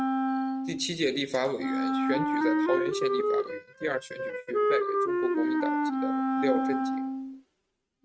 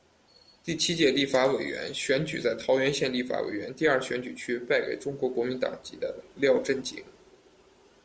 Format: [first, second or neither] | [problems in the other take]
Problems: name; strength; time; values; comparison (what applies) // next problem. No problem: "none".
second | noise reduction (neural mask model RNNoise)